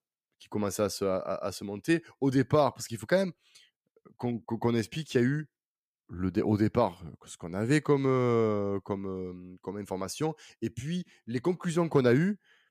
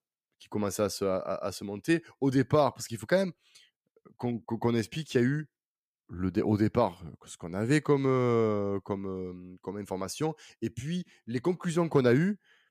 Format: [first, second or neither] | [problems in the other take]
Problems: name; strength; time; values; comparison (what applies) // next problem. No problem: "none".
neither | none